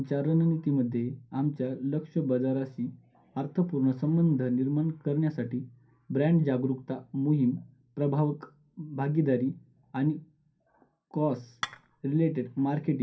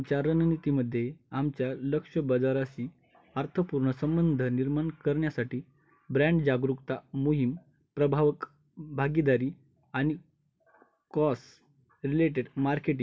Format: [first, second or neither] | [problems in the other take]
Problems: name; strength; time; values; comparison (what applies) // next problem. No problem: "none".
second | background sound (Dishes, pots, and pans / Chink, clink); 10 dB below the speech // room echo; dies away in 0.3 s